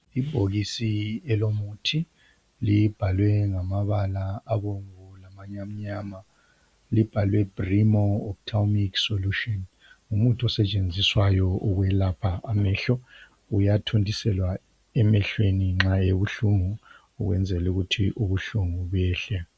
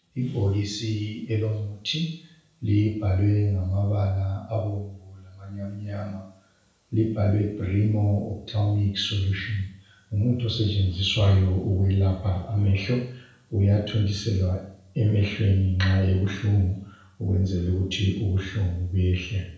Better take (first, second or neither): first